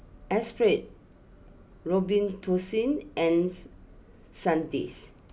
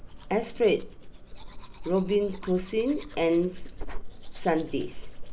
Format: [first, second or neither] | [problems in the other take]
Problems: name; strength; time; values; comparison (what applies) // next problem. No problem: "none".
first | background sound (Domestic sounds, home sounds); 7 dB below the speech